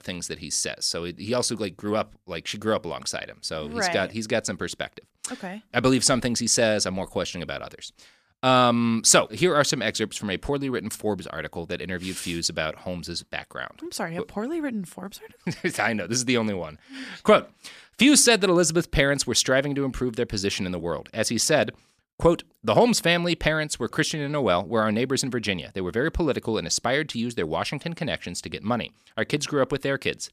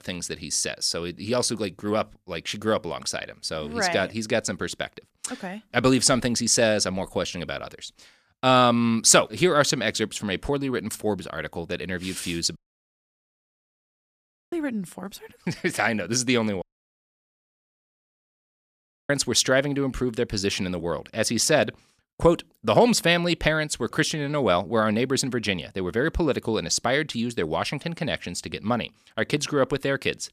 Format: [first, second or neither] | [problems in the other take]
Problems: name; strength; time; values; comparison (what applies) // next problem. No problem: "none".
first | audio cutting out; at 13 s for 2 s and at 17 s for 2.5 s